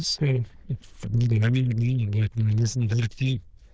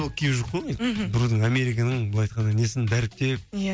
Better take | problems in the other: second | noise reduction (neural diffusion model UNIVERSE++)

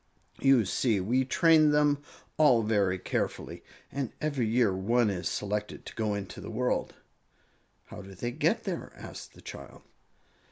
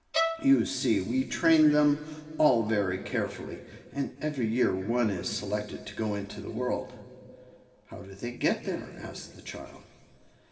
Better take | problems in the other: first | background sound (Bowed string instrument); 6 dB below the speech // room echo; dies away in 2.3 s

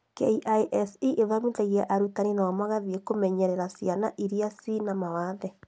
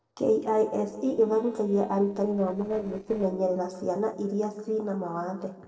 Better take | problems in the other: first | noise reduction (neural separator model SepFormer DNS4)

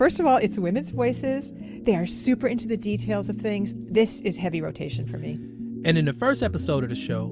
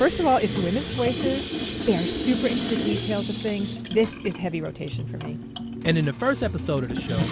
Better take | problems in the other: first | background sound (Sink (filling or washing) / Water tap, faucet); 6 dB below the speech

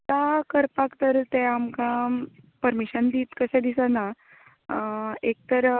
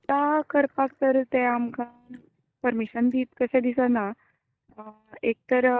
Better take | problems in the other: first | noise reduction (neural mask model DeepFilterNet 3)

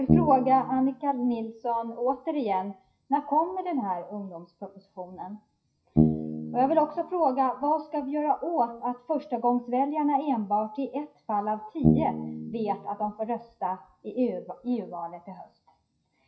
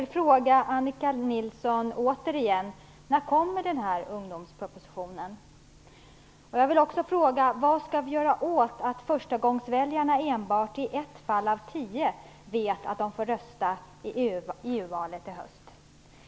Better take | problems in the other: second | noise reduction (classical method WPE with log-MMSE)

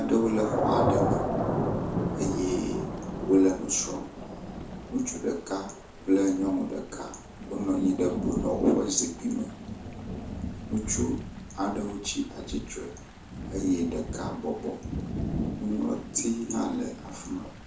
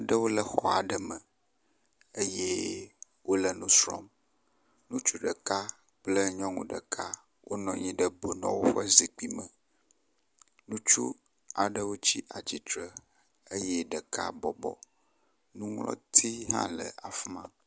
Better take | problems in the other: second | background sound (Thunder / Rain); 4 dB below the speech // room echo; dies away in 0.6 s

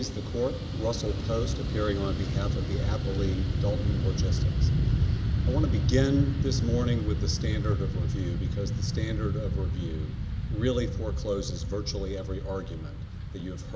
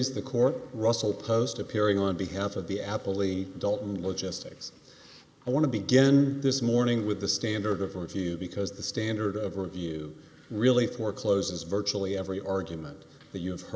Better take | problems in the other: second | background sound (Fixed-wing aircraft, airplane); 5 dB above the speech

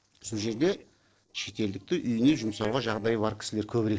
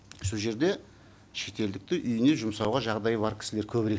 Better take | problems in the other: second | noise reduction (neural separator model SepFormer DNS4)

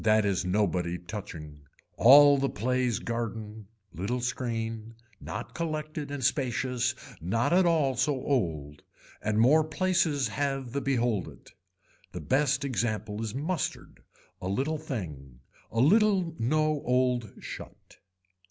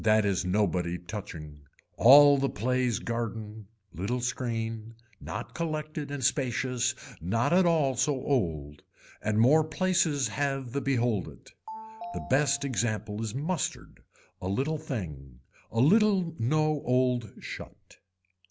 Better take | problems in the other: first | background sound (Telephone); 16 dB below the speech

